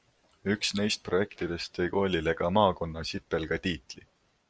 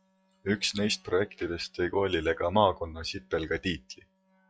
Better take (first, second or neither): first